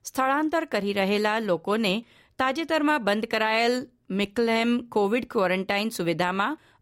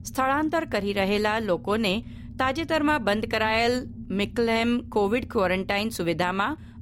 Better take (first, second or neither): first